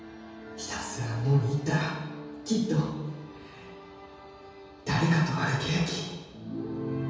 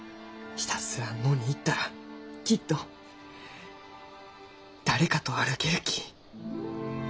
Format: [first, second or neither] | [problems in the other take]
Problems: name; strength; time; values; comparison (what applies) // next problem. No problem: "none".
second | room echo; dies away in 1.2 s